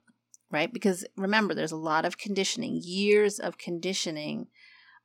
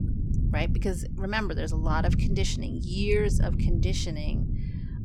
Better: first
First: none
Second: low rumble; loud; throughout; 9 dB below the speech

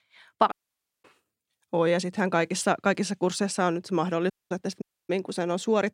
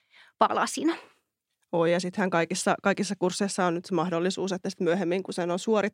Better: second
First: audio cutting out; at 0.5 s for 0.5 s, at 4.5 s and at 5 s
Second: none

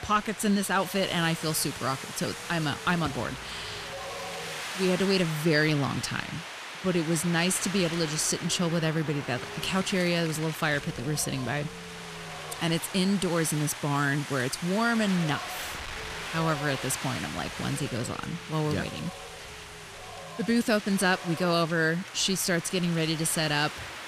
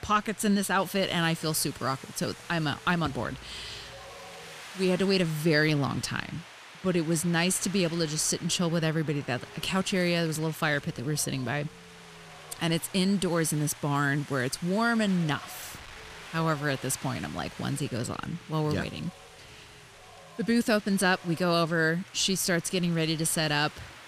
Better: second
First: wind noise on the microphone; heavy; 7 dB below the speech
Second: wind noise on the microphone; occasional gusts; 15 dB below the speech

